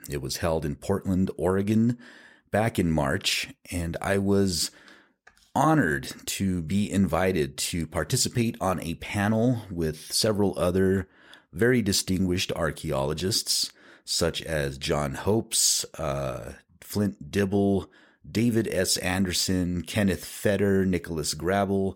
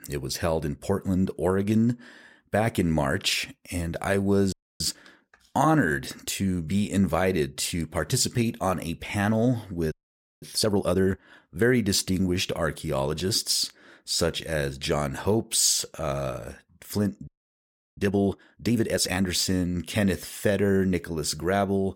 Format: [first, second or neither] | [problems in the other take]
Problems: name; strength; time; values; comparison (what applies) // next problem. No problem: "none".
first | audio freezing; at 4.5 s, at 10 s for 0.5 s and at 17 s for 0.5 s